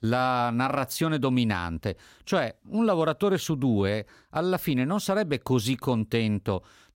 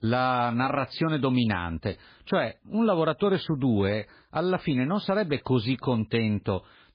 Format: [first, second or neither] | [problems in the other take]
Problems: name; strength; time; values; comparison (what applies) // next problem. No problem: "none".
first | garbled, watery; badly; nothing above 4.5 kHz